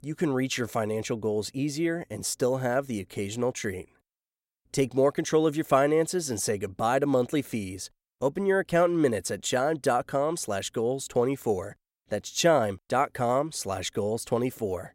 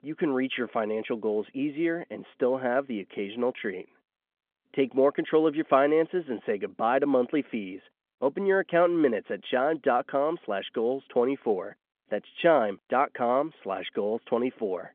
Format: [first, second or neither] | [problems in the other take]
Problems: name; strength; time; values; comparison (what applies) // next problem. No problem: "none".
first | phone-call audio; nothing above 3.5 kHz